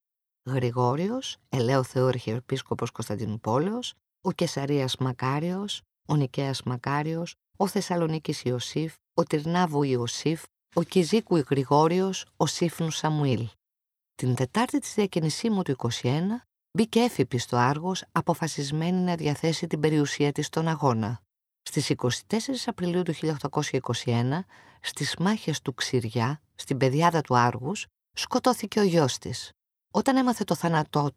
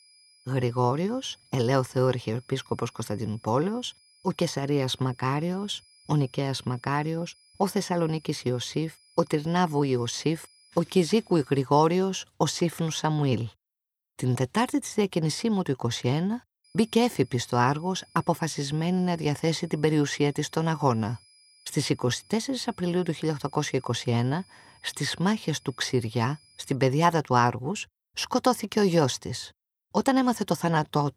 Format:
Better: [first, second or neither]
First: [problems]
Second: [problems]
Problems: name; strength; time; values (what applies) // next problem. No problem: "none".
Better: first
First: none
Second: high-pitched whine; faint; until 12 s and from 17 to 27 s; 5 kHz, 30 dB below the speech